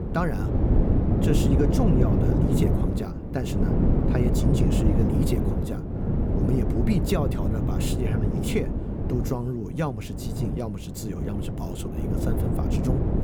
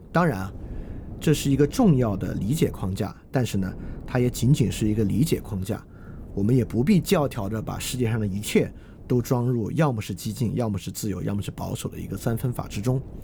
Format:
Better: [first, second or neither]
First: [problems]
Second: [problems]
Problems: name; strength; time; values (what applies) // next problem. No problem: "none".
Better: second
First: wind noise on the microphone; heavy; 1 dB above the speech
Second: wind noise on the microphone; occasional gusts; 20 dB below the speech